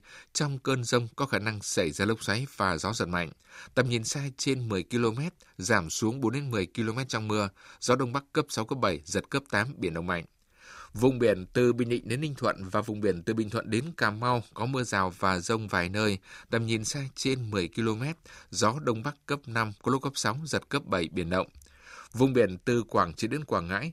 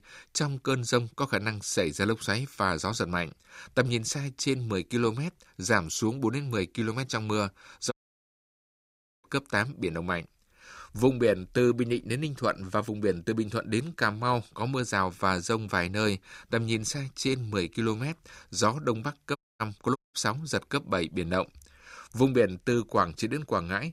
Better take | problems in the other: first | audio cutting out; at 8 s for 1.5 s, at 19 s and at 20 s

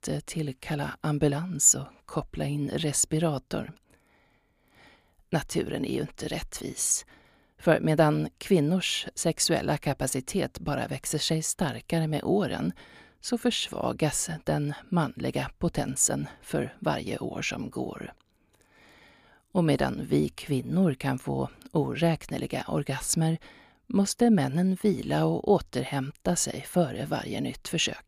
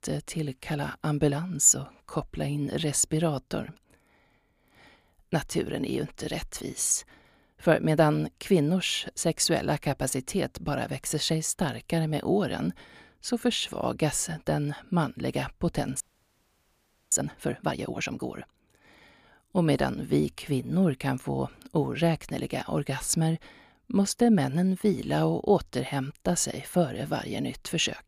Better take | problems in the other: first | audio freezing; at 16 s for 1 s

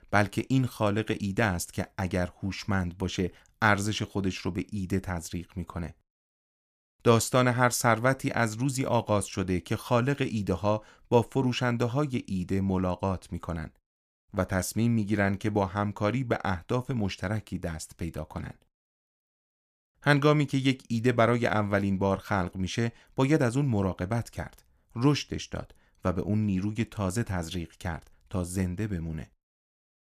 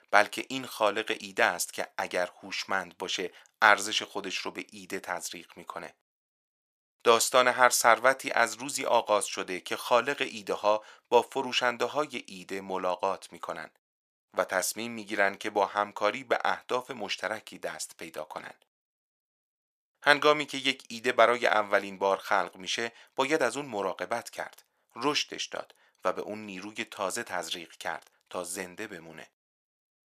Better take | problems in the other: first | thin; very; fading below 600 Hz

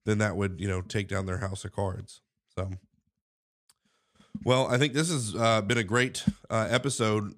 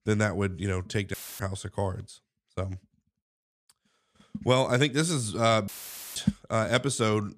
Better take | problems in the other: first | audio cutting out; filled with static; at 1 s and at 5.5 s

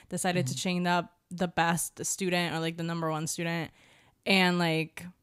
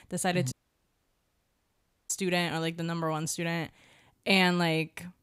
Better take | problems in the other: first | audio cutting out; at 0.5 s for 1.5 s

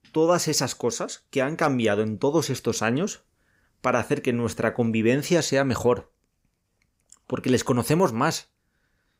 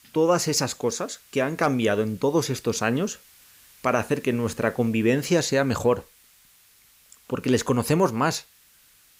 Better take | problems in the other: first | hiss; faint; throughout; 30 dB below the speech

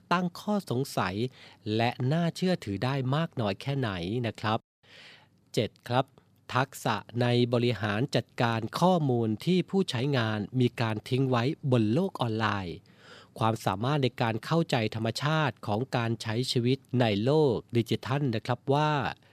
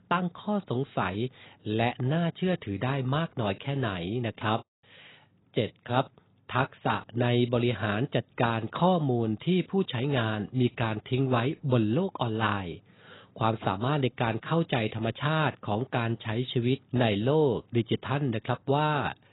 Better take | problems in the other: first | garbled, watery; badly; nothing above 4 kHz

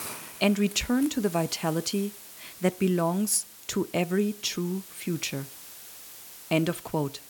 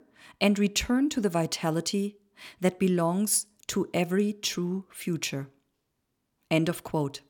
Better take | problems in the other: second | hiss; noticeable; throughout; 15 dB below the speech

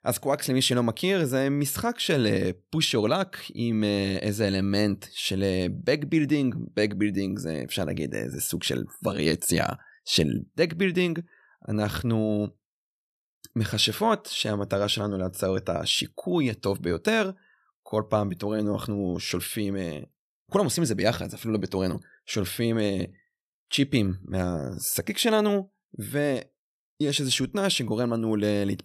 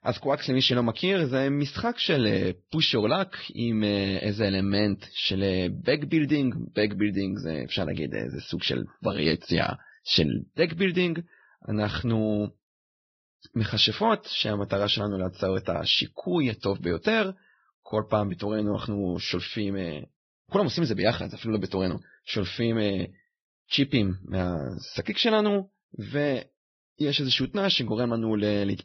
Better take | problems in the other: first | garbled, watery; badly; nothing above 5.5 kHz

